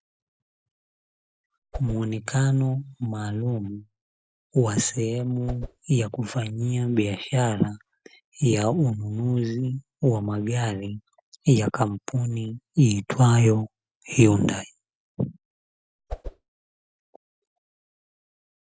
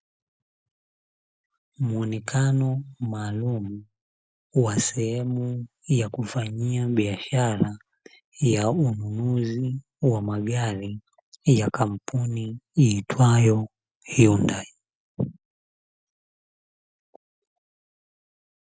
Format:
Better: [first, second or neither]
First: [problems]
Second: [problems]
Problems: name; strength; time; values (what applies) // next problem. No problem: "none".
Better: second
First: background sound (Whoosh, swoosh, swish); 11 dB below the speech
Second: none